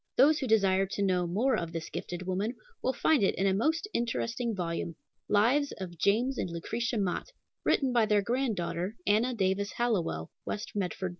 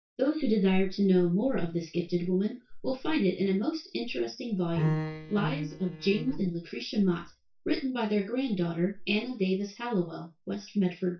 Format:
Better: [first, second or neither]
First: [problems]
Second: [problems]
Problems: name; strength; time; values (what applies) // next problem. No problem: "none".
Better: first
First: none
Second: noise reduction (neural mask model DeepFilterNet 3)